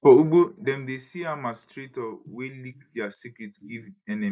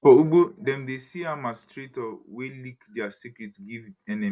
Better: second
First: noise reduction (neural mask model Resemble Enhance denoiser)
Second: none

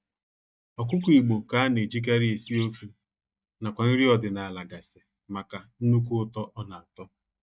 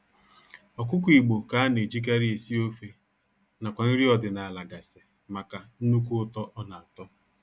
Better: second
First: noise reduction (neural mask model DeepFilterNet 3)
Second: none

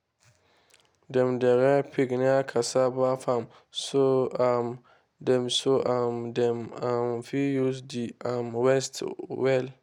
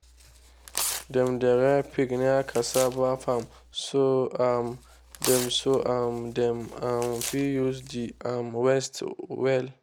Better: first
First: none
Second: background sound (Tearing); 12 dB below the speech

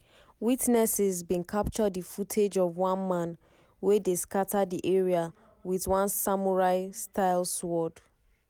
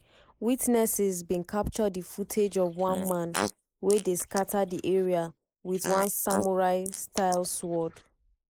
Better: first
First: none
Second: noise reduction (neural mask model Resemble Enhance denoiser)

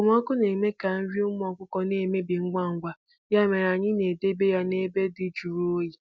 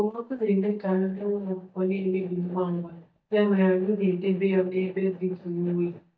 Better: first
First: none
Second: noise reduction (neural mask model DeepFilterNet 3)

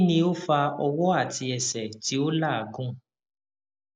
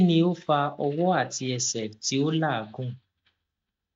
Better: first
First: none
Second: noise reduction (neural mask model DeepFilterNet 3)

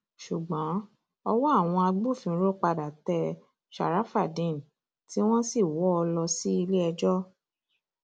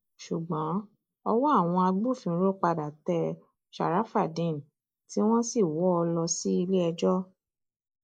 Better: first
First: none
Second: noise reduction (neural mask model Resemble Enhance denoiser)

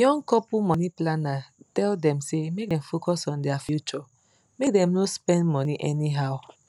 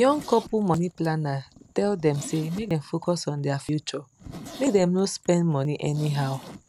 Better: first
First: none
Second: background sound (Zipper (clothing)); 19 dB below the speech

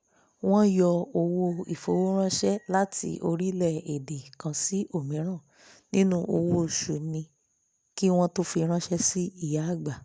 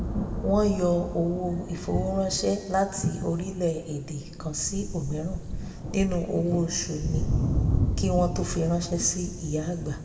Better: first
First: none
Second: background sound (Thunder); 3 dB below the speech // room echo; dies away in 1.6 s

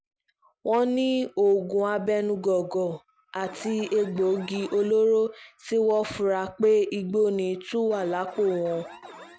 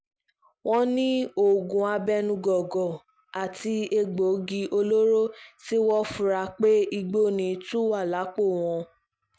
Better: second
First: background sound (Alarm); 19 dB below the speech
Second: none

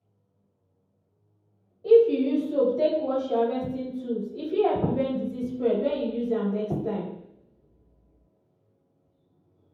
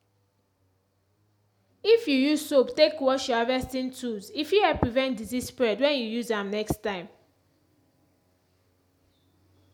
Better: second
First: room echo; dies away in 0.9 s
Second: none

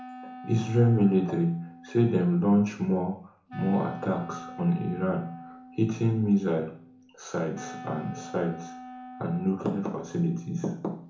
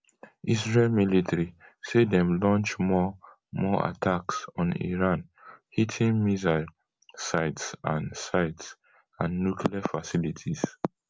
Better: second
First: background sound (Wind instrument, woodwind instrument); 17 dB below the speech // room echo; dies away in 0.7 s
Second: none

